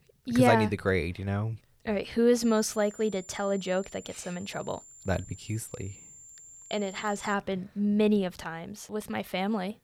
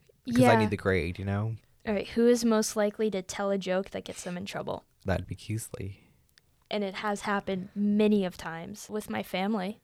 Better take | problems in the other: second | high-pitched whine; noticeable; from 2.5 to 7.5 s; 7 kHz, 20 dB below the speech

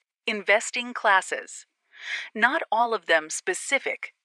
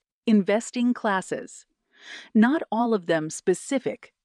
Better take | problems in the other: second | thin; very; fading below 800 Hz

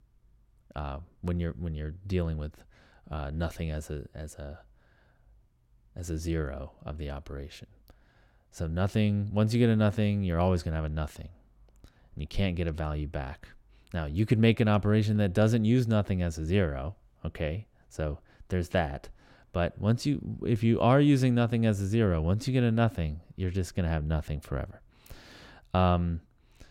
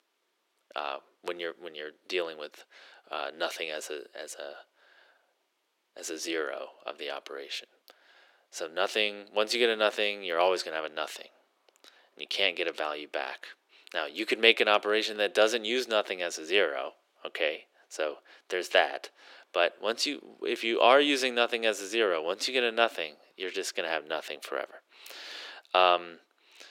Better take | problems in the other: first | thin; very; fading below 350 Hz

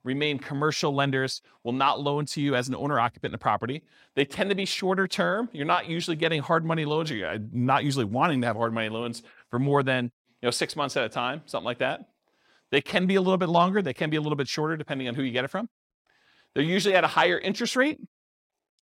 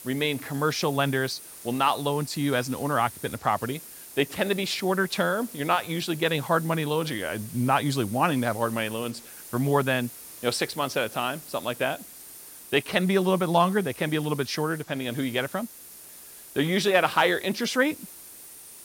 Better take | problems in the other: first | hiss; noticeable; throughout; 15 dB below the speech

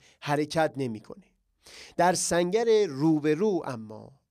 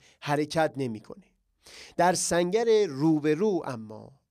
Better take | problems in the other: neither | none

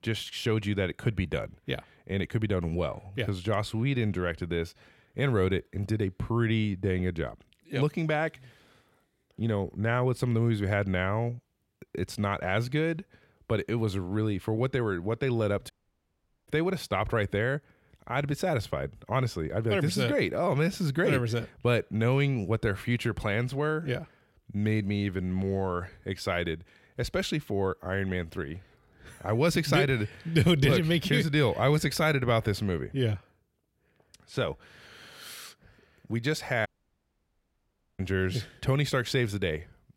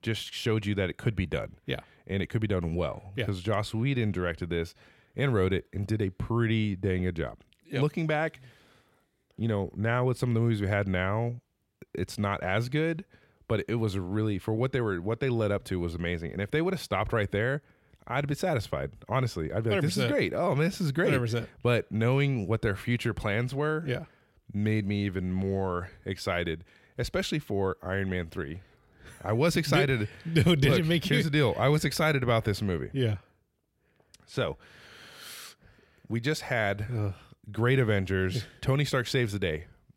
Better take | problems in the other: second | audio cutting out; at 16 s for 1 s and at 37 s for 1.5 s

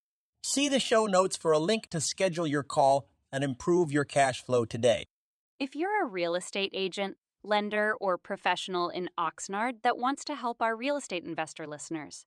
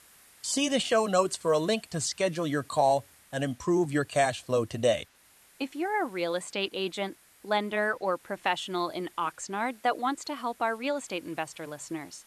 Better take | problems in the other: first | hiss; faint; throughout; 25 dB below the speech

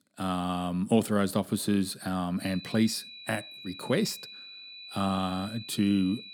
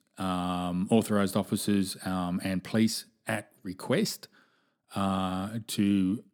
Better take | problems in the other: second | high-pitched whine; noticeable; from 2.5 s on; 4 kHz, 15 dB below the speech

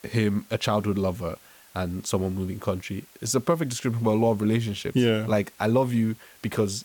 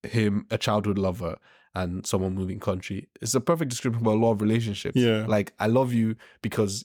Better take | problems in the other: second | hiss; faint; throughout; 25 dB below the speech

